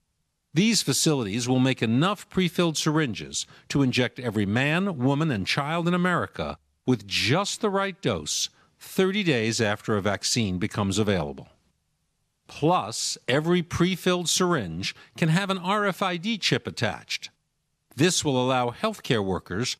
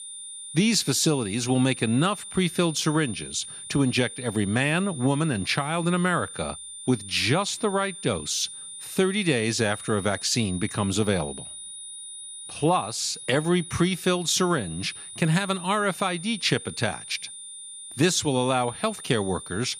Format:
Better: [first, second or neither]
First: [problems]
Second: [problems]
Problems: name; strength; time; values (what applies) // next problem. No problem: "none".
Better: first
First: none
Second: high-pitched whine; noticeable; throughout; 9.5 kHz, 10 dB below the speech